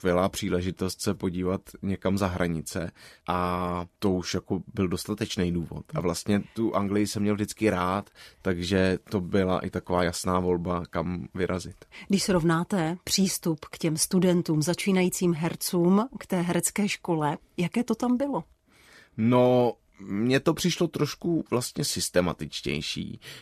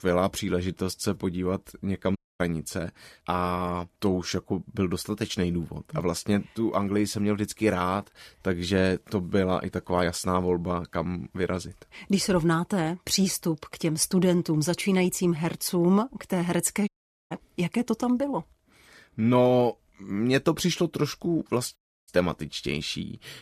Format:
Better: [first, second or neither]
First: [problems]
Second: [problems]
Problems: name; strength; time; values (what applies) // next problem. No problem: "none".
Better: first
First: none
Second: audio cutting out; at 2 s, at 17 s and at 22 s